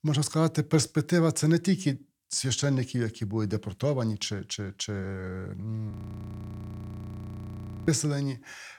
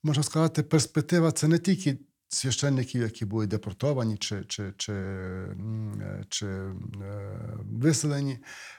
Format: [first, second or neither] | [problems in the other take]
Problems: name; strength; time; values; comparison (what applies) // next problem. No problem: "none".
second | audio freezing; at 6 s for 2 s